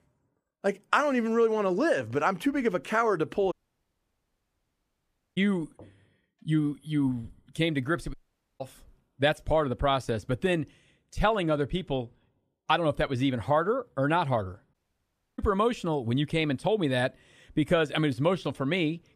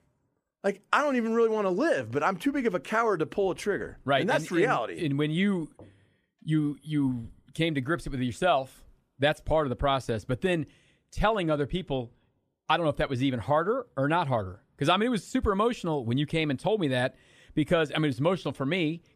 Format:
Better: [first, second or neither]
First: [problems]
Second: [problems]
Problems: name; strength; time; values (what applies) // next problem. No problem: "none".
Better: second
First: audio cutting out; at 3.5 s for 2 s, at 8 s and at 15 s for 0.5 s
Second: none